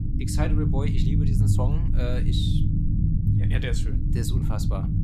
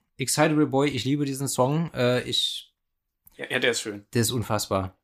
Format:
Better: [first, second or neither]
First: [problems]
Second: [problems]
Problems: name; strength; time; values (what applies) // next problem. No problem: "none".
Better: second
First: low rumble; loud; throughout; 1 dB below the speech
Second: none